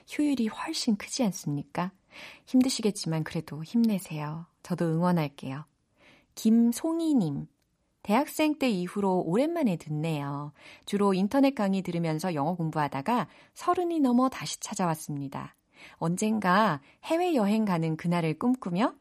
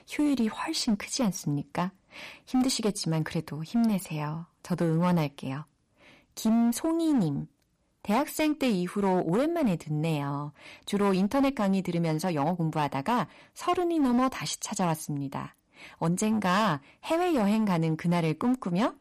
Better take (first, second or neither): first